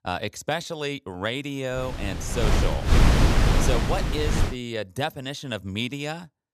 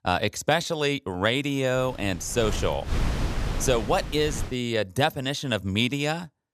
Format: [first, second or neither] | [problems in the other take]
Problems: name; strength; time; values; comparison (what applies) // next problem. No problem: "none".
second | wind noise on the microphone; heavy; from 2 to 4.5 s; 2 dB above the speech; occasional gusts in the second